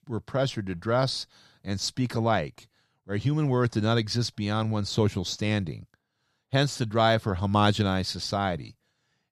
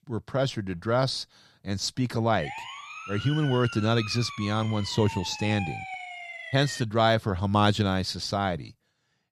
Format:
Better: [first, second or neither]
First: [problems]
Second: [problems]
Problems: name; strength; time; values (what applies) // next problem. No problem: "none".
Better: first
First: none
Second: siren; noticeable; from 2.5 to 7 s; peak 8 dB below the speech